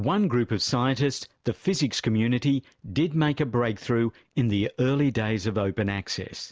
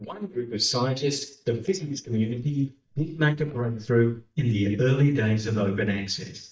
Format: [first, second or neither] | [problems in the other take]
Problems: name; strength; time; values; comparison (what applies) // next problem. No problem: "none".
first | noise reduction (neural mask model DeepFilterNet 3)